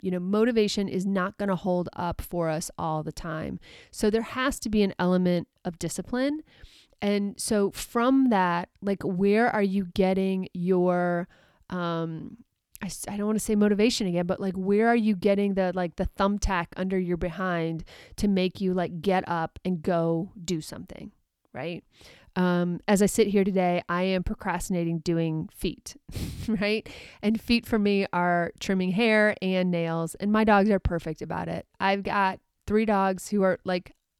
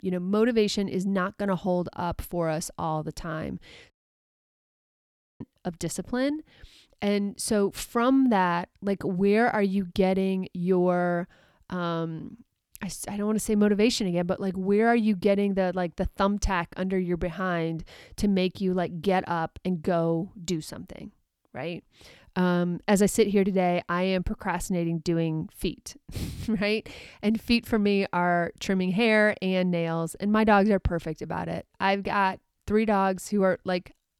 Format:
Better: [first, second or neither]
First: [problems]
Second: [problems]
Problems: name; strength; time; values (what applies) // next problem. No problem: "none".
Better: first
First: none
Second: audio cutting out; at 4 s for 1.5 s